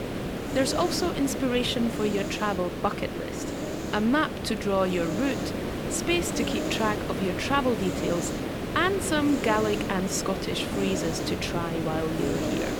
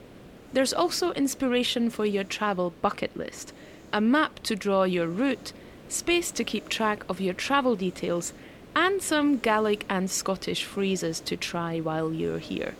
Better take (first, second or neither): second